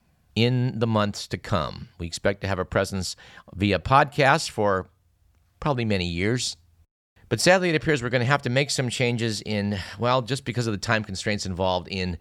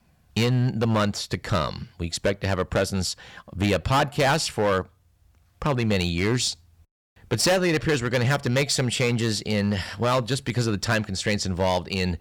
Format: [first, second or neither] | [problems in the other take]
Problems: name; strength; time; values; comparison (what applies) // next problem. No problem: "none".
first | distortion; heavy; 7% of the sound clipped